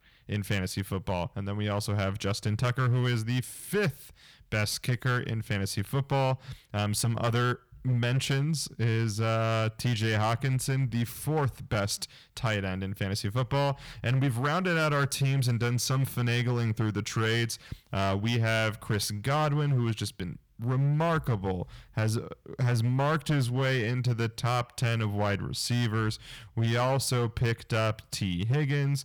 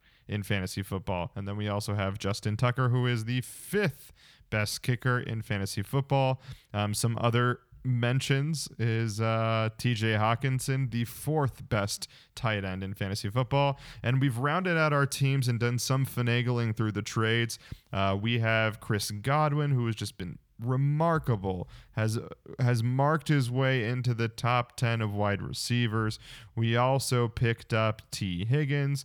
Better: second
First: distortion; slight; 10% of the sound clipped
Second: none

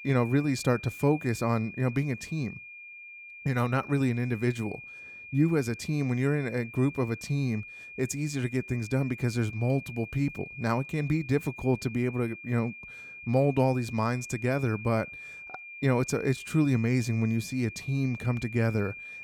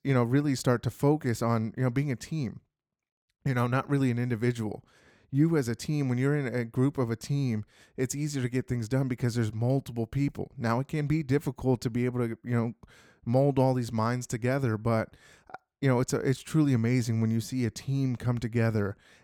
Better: second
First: high-pitched whine; noticeable; throughout; 2.5 kHz, 15 dB below the speech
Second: none

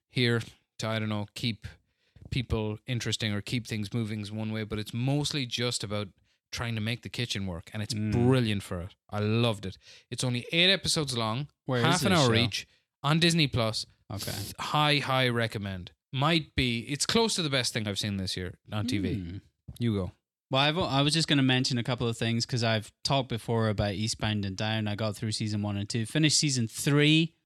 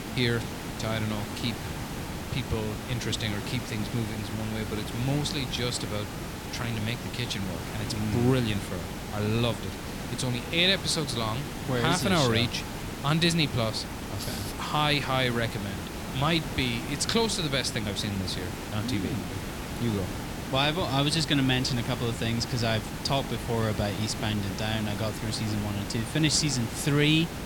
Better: first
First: none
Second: hiss; loud; throughout; 7 dB below the speech

